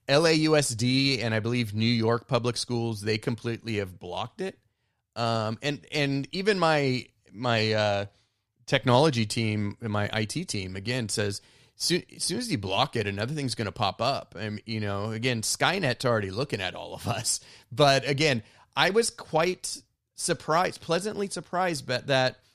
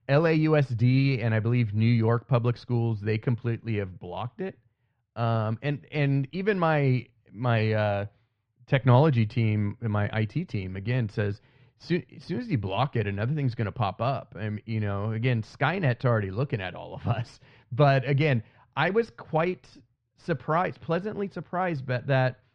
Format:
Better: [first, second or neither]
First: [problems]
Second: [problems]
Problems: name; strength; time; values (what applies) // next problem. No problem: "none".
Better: first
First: none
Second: muffled; very; fading above 2.5 kHz